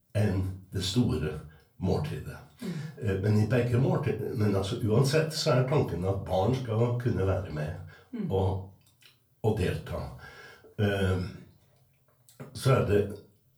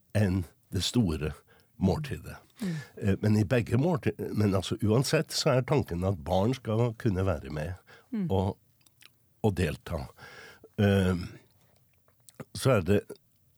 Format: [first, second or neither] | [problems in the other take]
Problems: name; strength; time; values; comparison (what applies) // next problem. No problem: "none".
second | room echo; slight; dies away in 0.3 s // off-mic speech; far